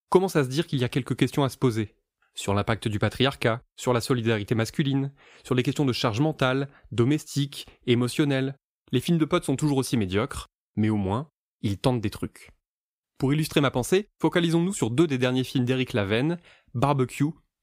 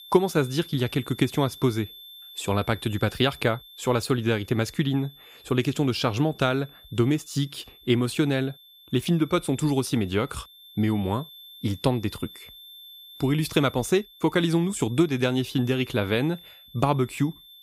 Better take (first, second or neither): first